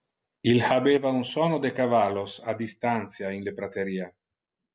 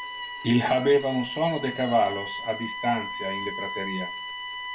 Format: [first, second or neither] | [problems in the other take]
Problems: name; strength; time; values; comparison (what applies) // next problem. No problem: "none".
first | background sound (Bowed string instrument); 8 dB below the speech // room echo; dies away in 0.2 s